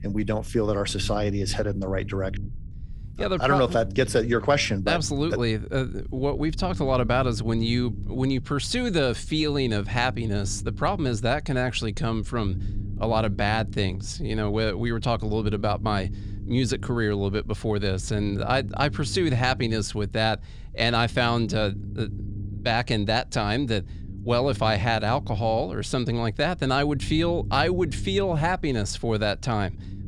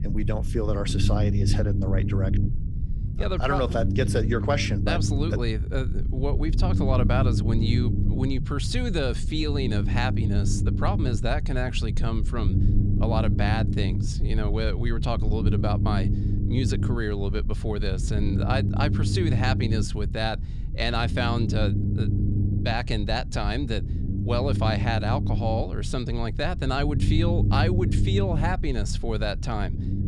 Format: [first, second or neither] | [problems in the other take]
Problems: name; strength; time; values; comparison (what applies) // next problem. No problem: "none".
first | low rumble; loud; throughout; 8 dB below the speech; faint in the first